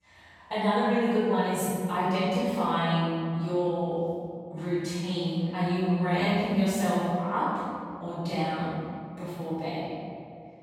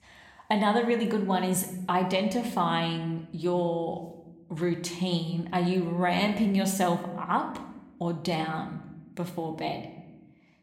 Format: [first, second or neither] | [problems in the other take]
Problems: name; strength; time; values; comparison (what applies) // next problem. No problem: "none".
second | room echo; strong; dies away in 2.1 s; slight in the second // off-mic speech; far